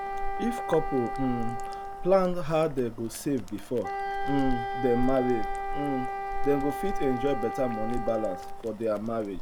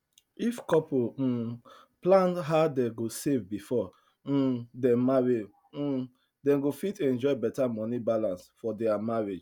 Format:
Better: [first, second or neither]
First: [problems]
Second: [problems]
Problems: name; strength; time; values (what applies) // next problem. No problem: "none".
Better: second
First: background sound (Wind instrument, woodwind instrument + Boiling); 2 dB below the speech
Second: none